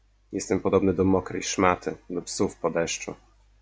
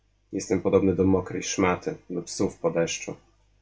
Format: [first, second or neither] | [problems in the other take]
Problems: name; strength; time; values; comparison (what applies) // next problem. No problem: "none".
first | room echo; dies away in 0.2 s